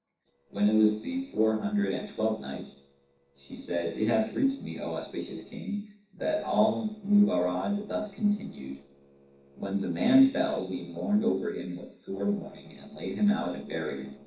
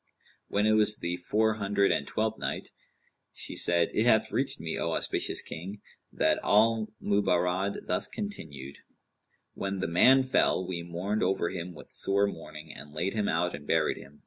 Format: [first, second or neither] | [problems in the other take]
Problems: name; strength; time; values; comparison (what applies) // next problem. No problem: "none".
second | noise reduction (neural separator model SepFormer DNS4)